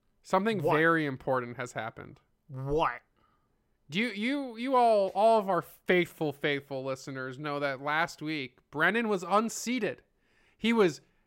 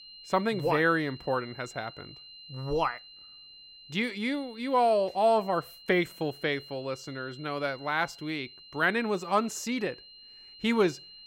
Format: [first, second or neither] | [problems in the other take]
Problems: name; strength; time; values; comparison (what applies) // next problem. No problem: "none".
first | high-pitched whine; noticeable; throughout; 4 kHz, 20 dB below the speech